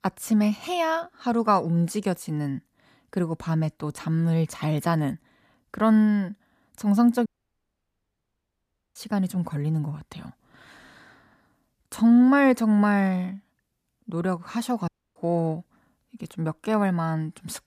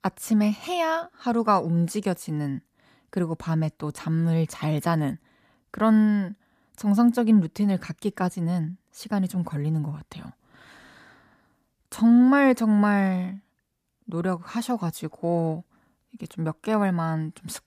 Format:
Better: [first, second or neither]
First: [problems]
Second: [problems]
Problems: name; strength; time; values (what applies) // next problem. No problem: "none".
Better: second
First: audio cutting out; at 7.5 s for 1.5 s and at 15 s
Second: none